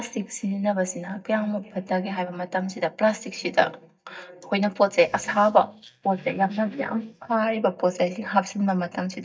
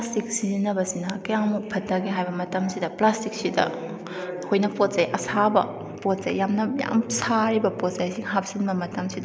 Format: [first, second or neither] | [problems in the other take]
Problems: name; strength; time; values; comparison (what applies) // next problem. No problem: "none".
second | noise reduction (neural mask model DeepFilterNet 3)